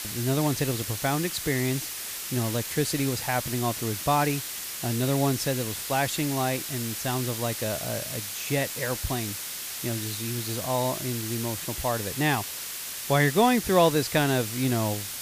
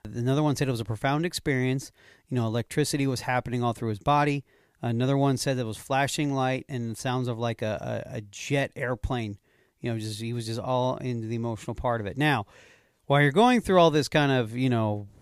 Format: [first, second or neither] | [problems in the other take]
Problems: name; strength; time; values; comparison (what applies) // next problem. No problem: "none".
second | hiss; loud; throughout; 4 dB below the speech